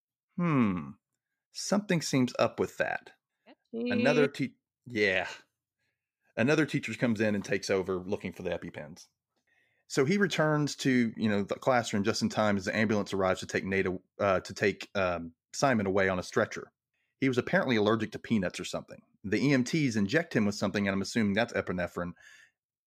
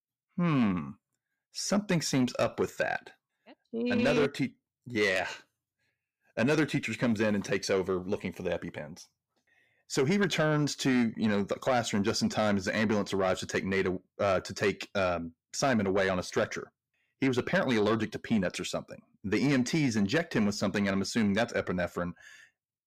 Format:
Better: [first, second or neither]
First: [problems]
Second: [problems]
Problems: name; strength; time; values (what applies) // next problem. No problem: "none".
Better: first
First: none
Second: distortion; slight; 10 dB below the speech